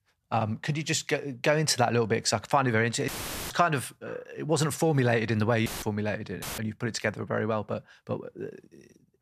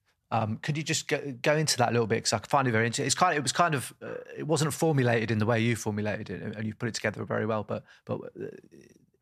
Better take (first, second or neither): second